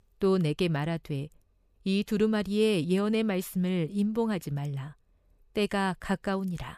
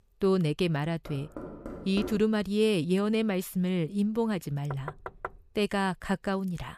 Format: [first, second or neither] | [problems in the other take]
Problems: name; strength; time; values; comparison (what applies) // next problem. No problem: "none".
first | door banging; noticeable; from 1 to 2 s; peak 9 dB below the speech // door banging; faint; at 4.5 s; peak 10 dB below the speech